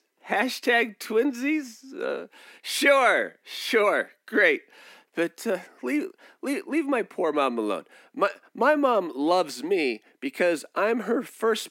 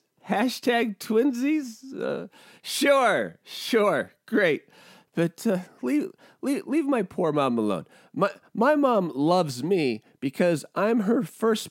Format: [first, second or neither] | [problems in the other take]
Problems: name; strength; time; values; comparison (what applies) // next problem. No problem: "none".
second | thin; very slightly; fading below 250 Hz